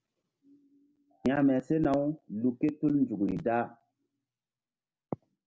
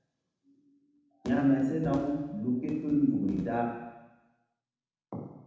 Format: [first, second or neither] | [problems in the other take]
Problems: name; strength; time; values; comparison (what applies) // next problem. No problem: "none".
first | room echo; dies away in 1 s